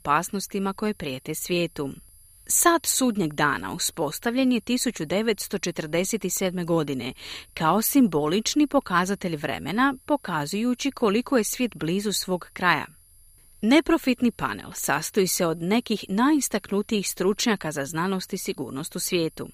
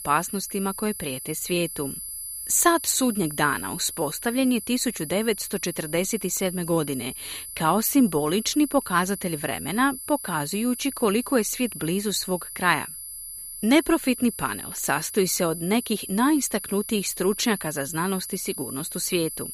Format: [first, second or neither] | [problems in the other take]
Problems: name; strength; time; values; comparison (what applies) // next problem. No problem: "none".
first | high-pitched whine; loud; throughout; 10 kHz, 9 dB below the speech; faint in the first